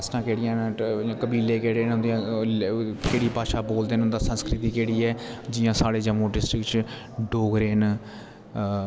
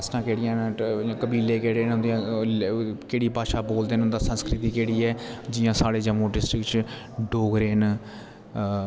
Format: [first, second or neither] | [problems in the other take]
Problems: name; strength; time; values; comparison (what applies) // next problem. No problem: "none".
second | background sound (Boom); 10 dB below the speech